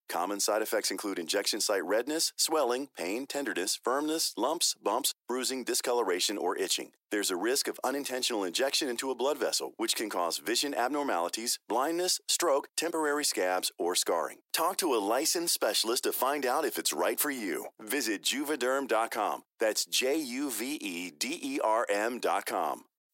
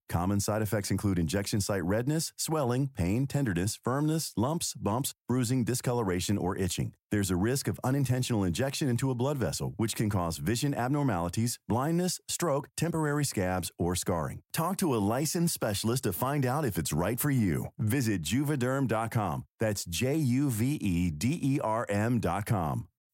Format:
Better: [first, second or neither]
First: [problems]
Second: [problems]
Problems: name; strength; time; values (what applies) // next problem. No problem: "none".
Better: second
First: thin; very; fading below 350 Hz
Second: none